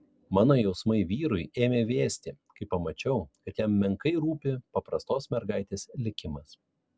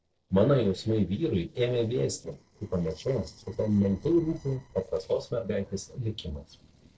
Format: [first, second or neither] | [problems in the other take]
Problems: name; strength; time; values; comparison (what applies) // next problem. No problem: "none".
first | noise reduction (neural separator model SepFormer DNS4)